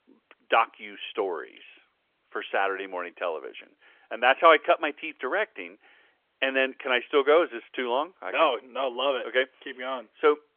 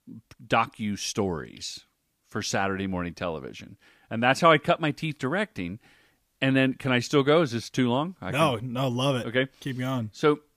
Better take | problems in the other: second | phone-call audio; nothing above 3.5 kHz

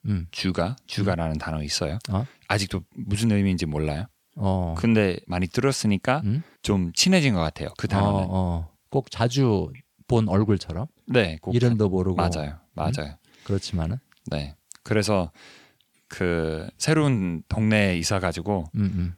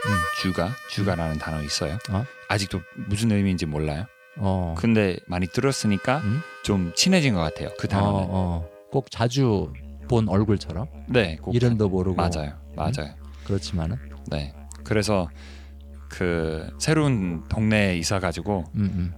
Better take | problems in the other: first | background music; noticeable; throughout; 15 dB below the speech

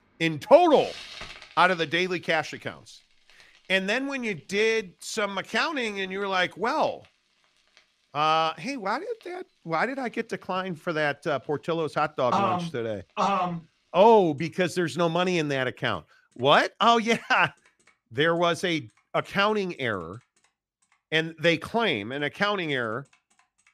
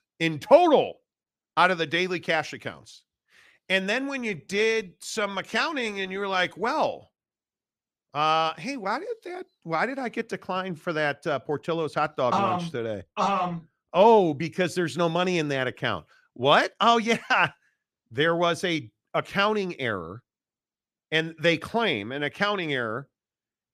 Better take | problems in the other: second | household noises; faint; throughout; 25 dB below the speech

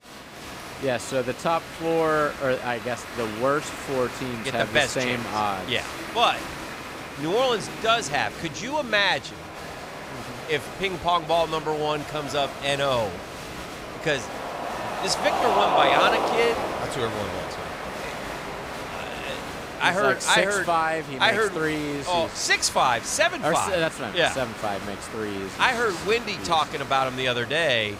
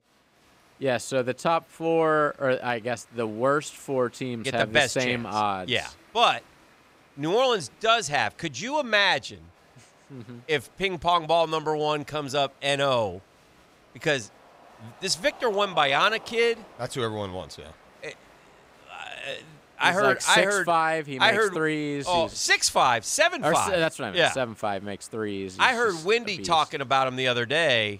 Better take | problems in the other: second | crowd noise; loud; throughout; 8 dB below the speech; faint in the second

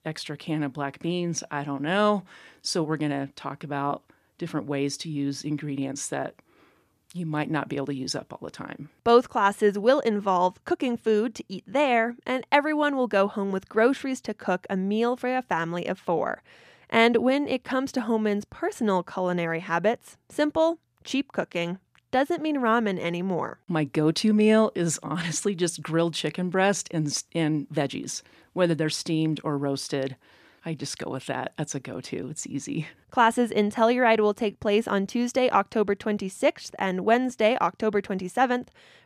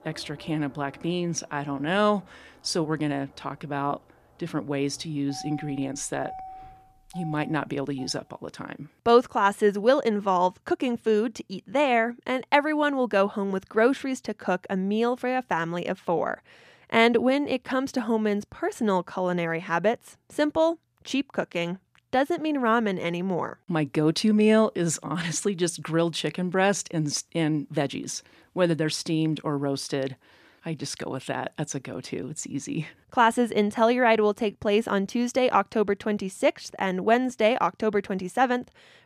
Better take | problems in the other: first | traffic noise; faint; until 8 s; 20 dB below the speech

